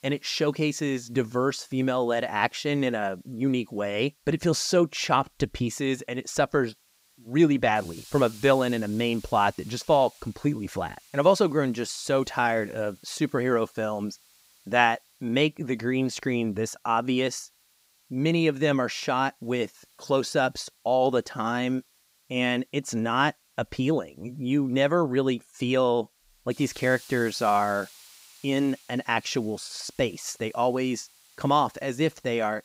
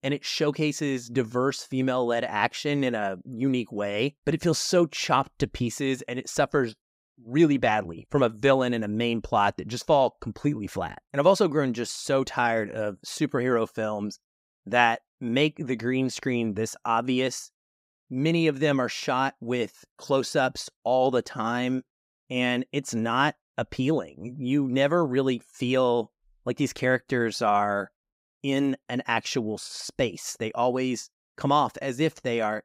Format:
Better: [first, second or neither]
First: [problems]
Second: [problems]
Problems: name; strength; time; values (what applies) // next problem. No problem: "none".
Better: second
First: hiss; faint; throughout; 25 dB below the speech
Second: none